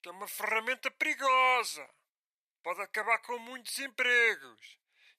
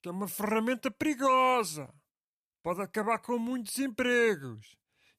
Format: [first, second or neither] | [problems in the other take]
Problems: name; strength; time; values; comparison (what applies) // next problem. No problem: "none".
second | thin; very; fading below 650 Hz